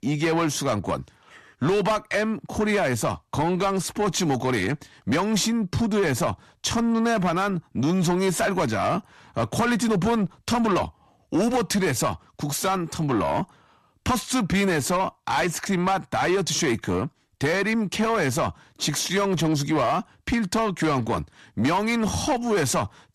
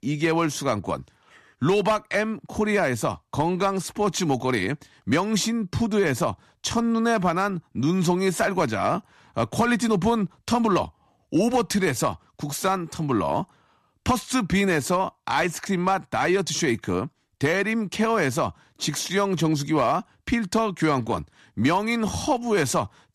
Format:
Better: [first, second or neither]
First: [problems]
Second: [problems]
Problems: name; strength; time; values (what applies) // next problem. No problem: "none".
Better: second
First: distortion; slight; 10 dB below the speech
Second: none